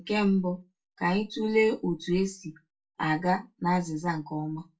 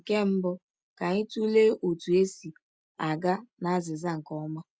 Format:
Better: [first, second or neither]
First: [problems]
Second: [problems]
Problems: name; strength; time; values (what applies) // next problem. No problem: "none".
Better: second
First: room echo; dies away in 0.2 s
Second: none